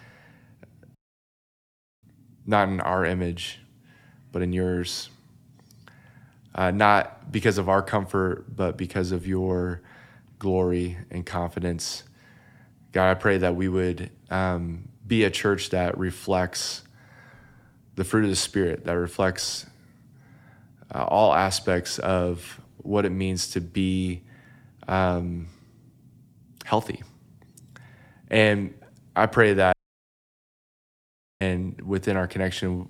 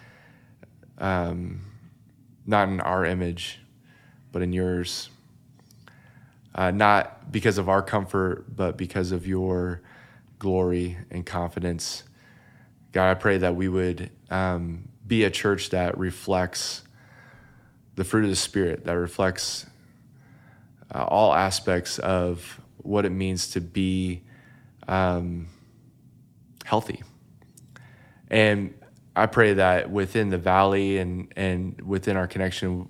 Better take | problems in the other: second | audio cutting out; at 1 s for 1 s and at 30 s for 1.5 s

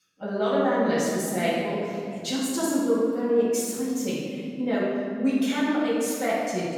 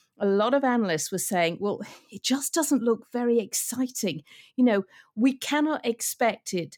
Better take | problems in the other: second | off-mic speech; far // room echo; strong; dies away in 2.2 s

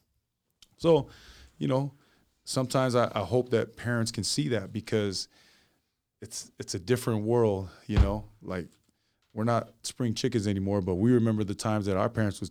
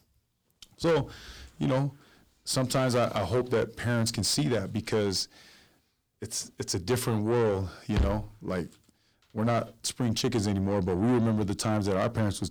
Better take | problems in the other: first | distortion; heavy; 7 dB below the speech

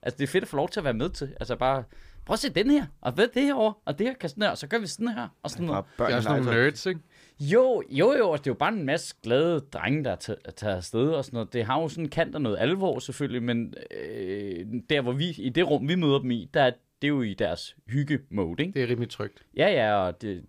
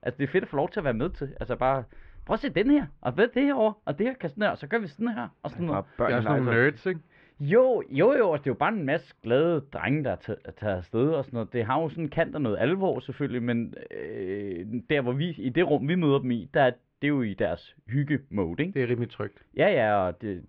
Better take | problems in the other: first | muffled; very; fading above 2.5 kHz

